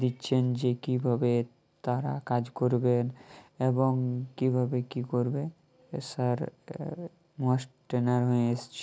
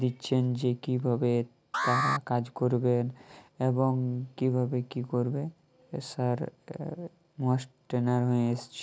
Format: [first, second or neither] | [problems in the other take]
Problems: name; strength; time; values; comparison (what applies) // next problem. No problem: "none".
first | background sound (Alarm); 4 dB below the speech